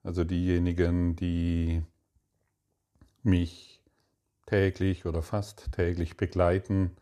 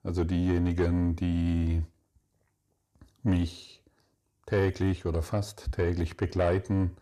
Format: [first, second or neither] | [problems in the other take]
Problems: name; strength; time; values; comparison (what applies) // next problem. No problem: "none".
first | distortion; slight; 10 dB below the speech